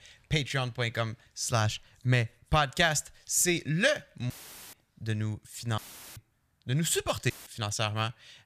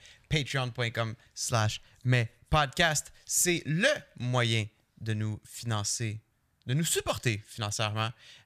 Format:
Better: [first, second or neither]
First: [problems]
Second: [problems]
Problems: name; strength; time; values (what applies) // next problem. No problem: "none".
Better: second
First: audio cutting out; filled with static; at 4.5 s, at 6 s and at 7.5 s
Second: none